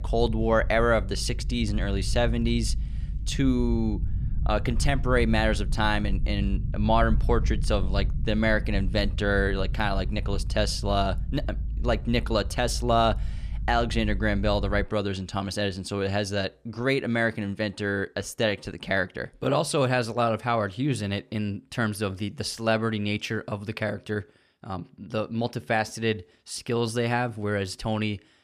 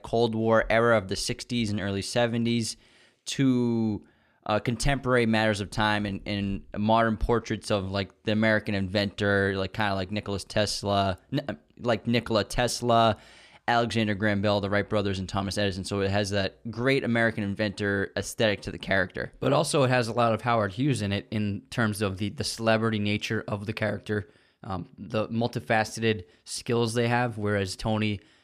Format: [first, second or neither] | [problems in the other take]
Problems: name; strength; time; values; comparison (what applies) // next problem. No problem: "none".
second | low rumble; faint; until 15 s; 20 dB below the speech